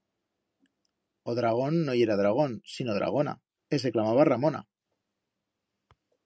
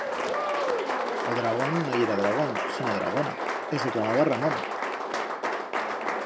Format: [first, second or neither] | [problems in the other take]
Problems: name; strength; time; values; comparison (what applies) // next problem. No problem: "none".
first | background sound (Applause); 1 dB above the speech